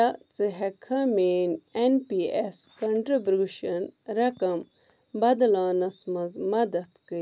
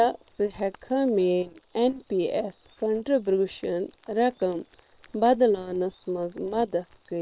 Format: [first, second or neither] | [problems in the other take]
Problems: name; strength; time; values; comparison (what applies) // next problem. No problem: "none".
first | noise reduction (neural separator model SepFormer WHAM!)